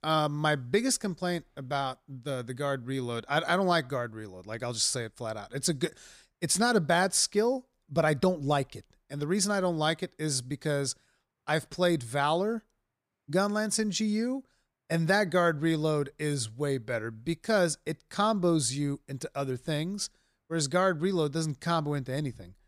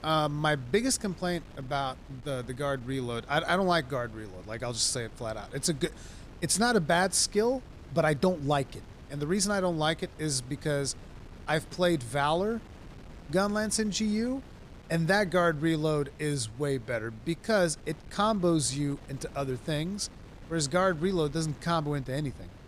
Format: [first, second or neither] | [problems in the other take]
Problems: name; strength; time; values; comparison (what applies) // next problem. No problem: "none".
first | wind noise on the microphone; occasional gusts; 25 dB below the speech